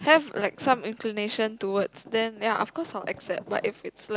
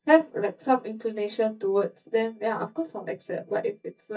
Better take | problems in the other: first | noise reduction (neural mask model DeepFilterNet 3)

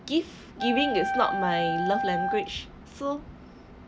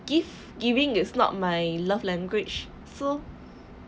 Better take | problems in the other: second | background sound (Wind instrument, woodwind instrument); 1 dB below the speech

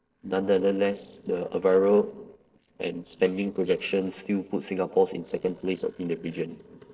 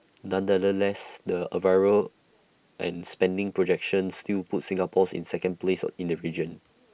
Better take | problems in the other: second | noise reduction (neural separator model SepFormer DNS4)

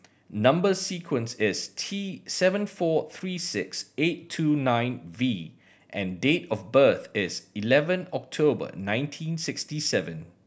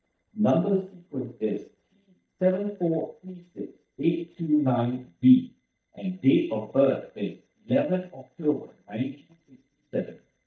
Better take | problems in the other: first | noise reduction (neural mask model DeepFilterNet 3)

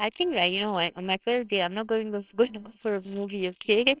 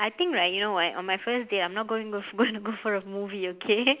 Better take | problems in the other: second | noise reduction (neural separator model SepFormer WHAMR!)

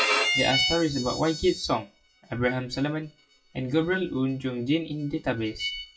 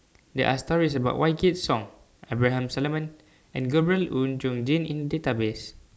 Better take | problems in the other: second | noise reduction (classical method WPE with log-MMSE)

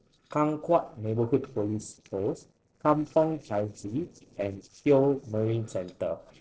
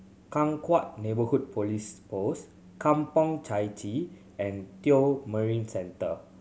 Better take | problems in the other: second | noise reduction (neural separator model SepFormer DNS4)

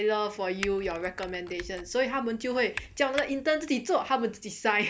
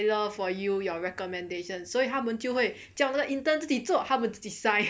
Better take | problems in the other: second | background sound (Typing); 14 dB below the speech

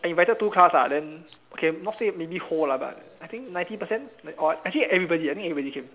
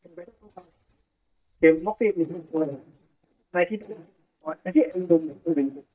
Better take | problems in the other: first | noise reduction (neural mask model DeepFilterNet 3)

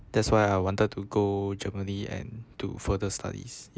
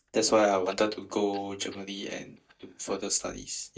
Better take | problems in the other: first | noise reduction (neural mask model DeepFilterNet 3)

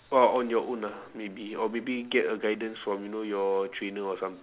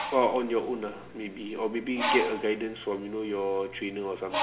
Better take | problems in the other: first | background sound (Bird); 7 dB below the speech // room echo; dies away in 2.5 s

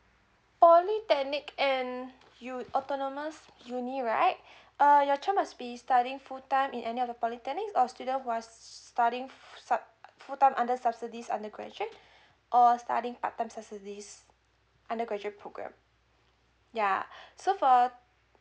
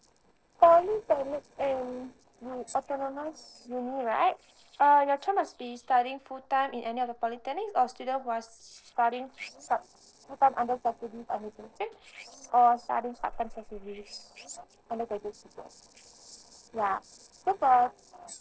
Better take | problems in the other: first | noise reduction (neural separator model SepFormer DNS4)

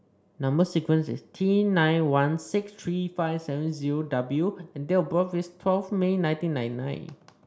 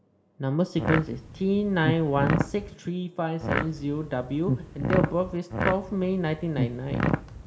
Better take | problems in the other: first | background sound (Fart); 2 dB below the speech // room echo; dies away in 1.1 s

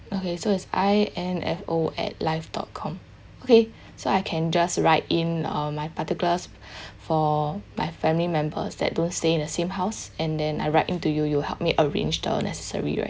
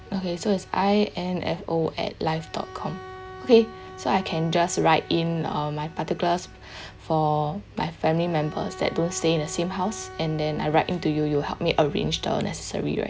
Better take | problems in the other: first | background sound (Bowed string instrument); 19 dB below the speech

